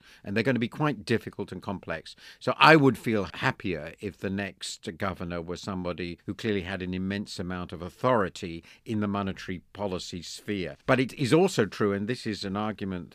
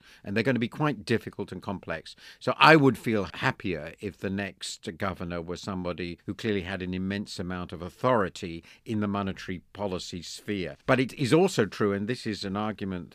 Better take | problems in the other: neither | none

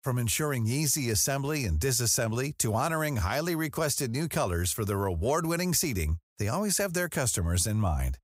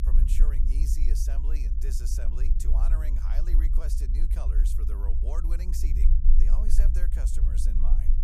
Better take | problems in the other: first | low rumble; loud; throughout; 4 dB below the speech

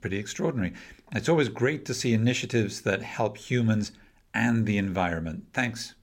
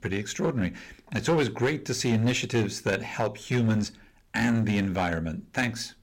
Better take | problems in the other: first | distortion; slight; 6% of the sound clipped

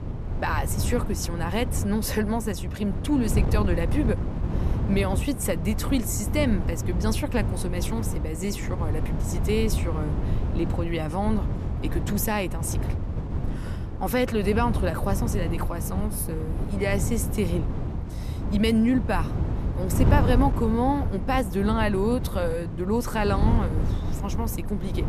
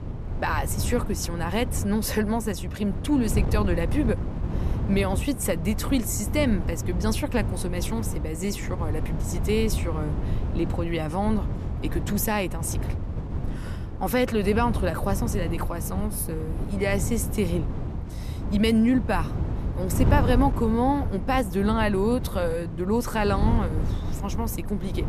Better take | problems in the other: second | wind noise on the microphone; heavy; 9 dB below the speech; occasional gusts in the second

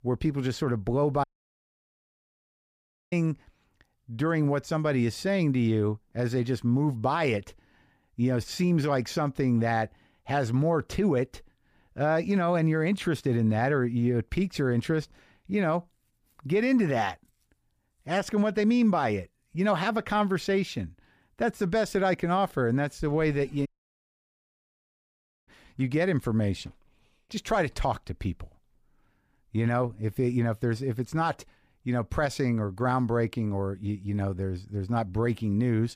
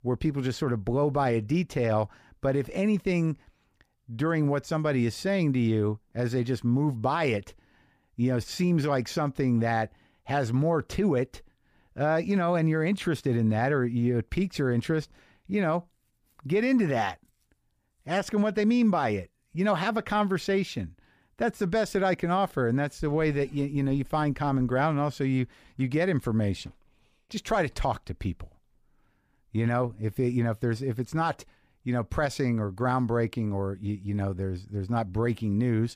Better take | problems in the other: second | audio cutting out; at 1 s for 2 s and at 24 s for 2 s

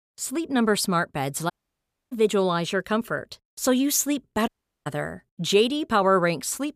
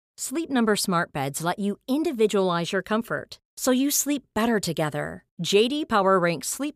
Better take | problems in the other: second | audio cutting out; at 1.5 s for 0.5 s and at 4.5 s

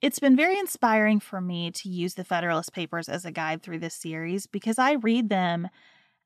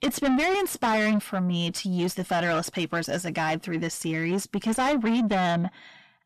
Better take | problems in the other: first | distortion; heavy; 6 dB below the speech

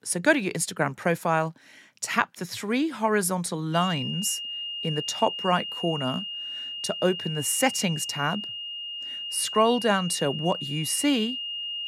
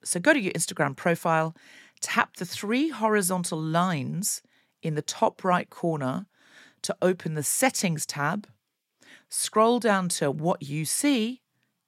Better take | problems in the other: second | high-pitched whine; loud; from 3.5 s on; 3 kHz, 5 dB below the speech

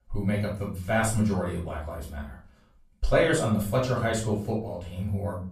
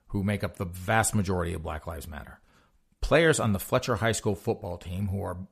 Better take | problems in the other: second | off-mic speech; far // room echo; slight; dies away in 0.4 s

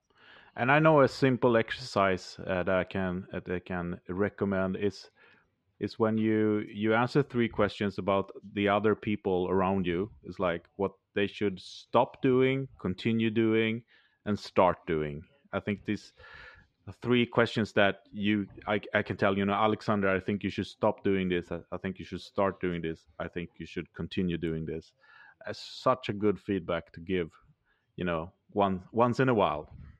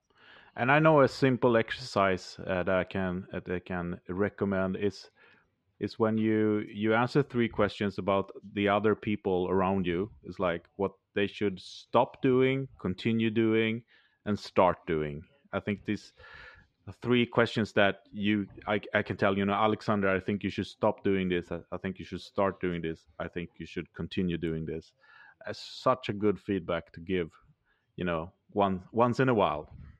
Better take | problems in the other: neither | muffled; slightly; fading above 3.5 kHz; the same in both

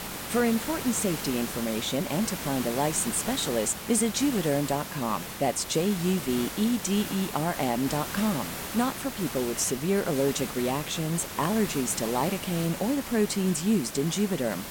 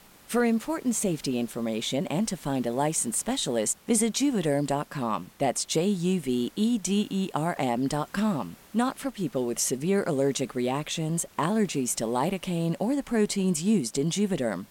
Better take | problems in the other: second | hiss; loud; throughout; 7 dB below the speech; faint in the second

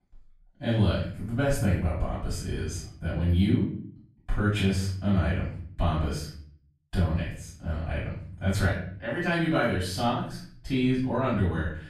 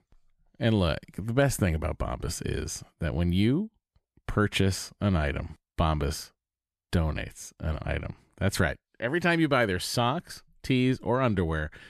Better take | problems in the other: second | off-mic speech; far // room echo; noticeable; dies away in 0.5 s

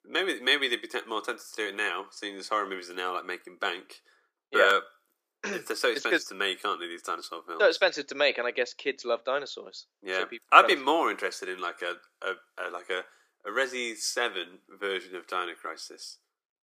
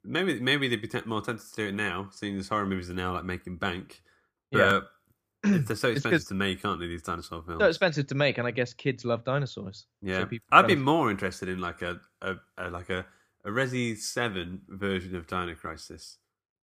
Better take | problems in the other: second | thin; very; fading below 350 Hz

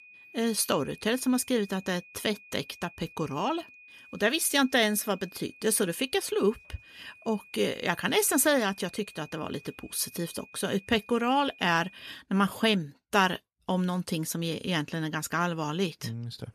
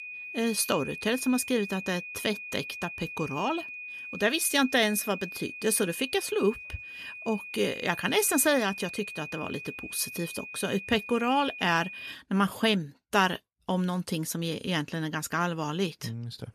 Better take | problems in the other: first | high-pitched whine; loud; until 12 s; 2.5 kHz, 10 dB below the speech; faint in the first

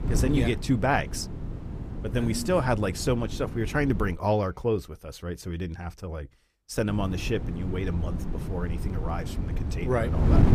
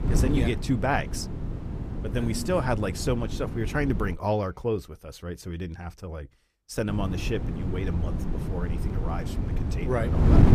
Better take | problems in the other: first | wind noise on the microphone; heavy; until 4 s and from 7 s on; 8 dB below the speech; occasional gusts in the first

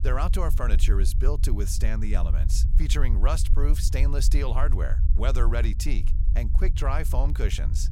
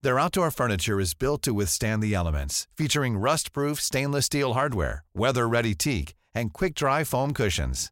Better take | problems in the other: second | low rumble; noticeable; throughout; 10 dB below the speech

